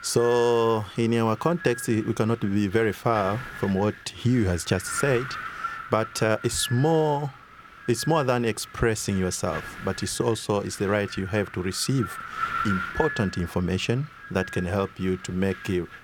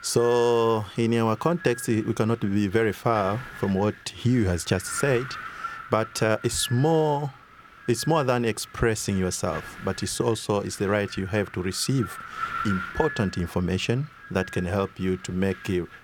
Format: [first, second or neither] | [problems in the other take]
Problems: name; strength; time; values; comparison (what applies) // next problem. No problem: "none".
second | wind noise on the microphone; heavy; 8 dB below the speech; occasional gusts in the second